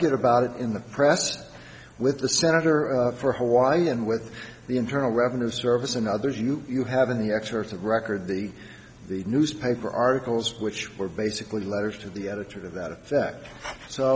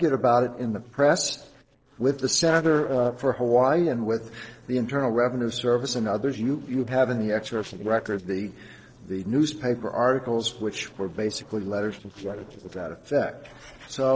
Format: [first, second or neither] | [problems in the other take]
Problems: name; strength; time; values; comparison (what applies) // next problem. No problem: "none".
first | noise reduction (neural separator model SepFormer DNS4)